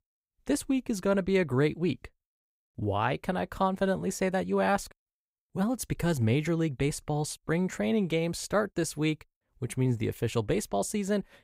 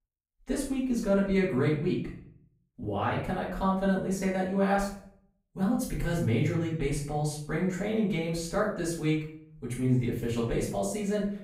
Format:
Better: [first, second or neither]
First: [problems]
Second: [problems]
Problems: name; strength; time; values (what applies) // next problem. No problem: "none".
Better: first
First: none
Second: room echo; noticeable; dies away in 0.5 s // off-mic speech; far